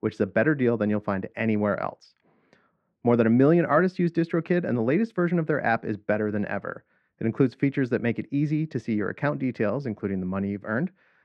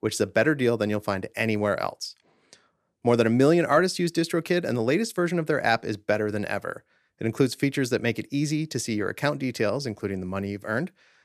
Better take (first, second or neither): second